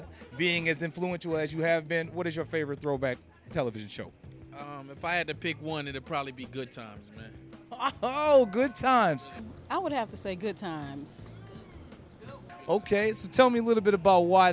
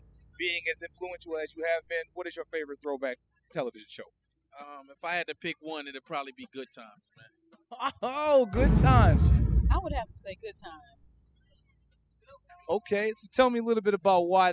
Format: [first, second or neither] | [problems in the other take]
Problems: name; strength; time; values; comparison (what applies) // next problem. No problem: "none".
first | noise reduction (classical method spectral subtraction)